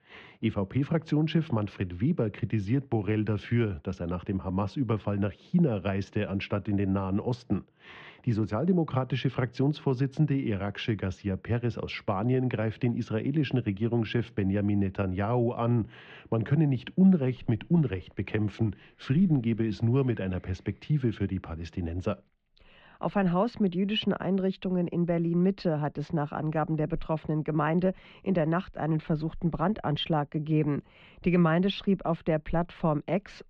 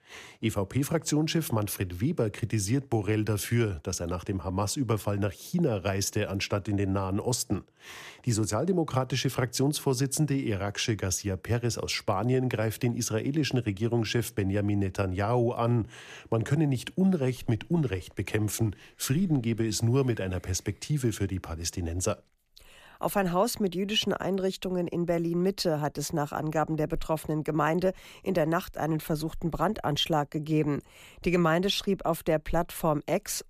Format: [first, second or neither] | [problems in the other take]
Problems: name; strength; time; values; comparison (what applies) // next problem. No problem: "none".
second | muffled; very; fading above 3.5 kHz